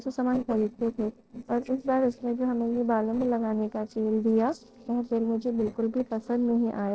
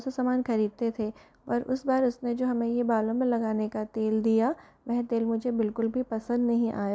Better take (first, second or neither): second